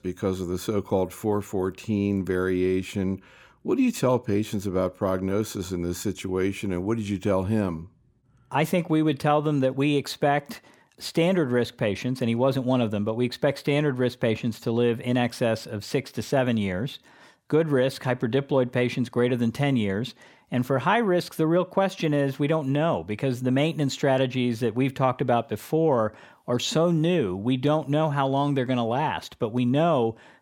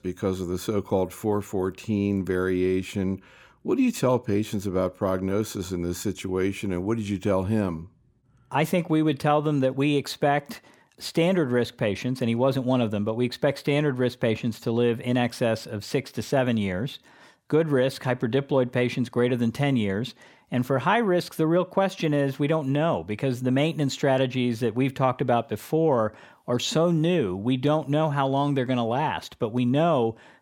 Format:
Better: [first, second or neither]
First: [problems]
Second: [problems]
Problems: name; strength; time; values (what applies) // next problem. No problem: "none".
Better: neither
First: none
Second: none